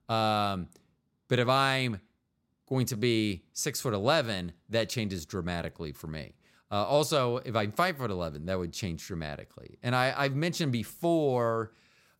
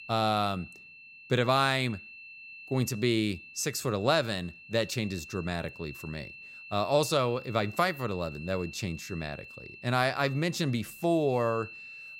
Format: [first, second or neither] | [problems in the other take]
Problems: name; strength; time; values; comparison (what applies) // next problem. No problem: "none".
first | high-pitched whine; noticeable; throughout; 2.5 kHz, 15 dB below the speech